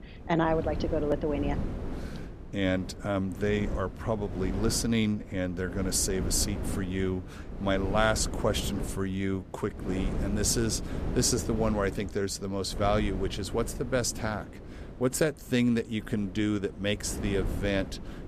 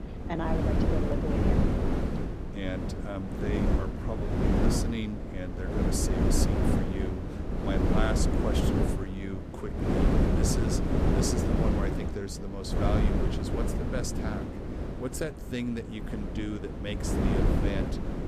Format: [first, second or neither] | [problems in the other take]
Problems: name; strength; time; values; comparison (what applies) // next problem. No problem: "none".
first | wind noise on the microphone; heavy; 3 dB above the speech; occasional gusts in the first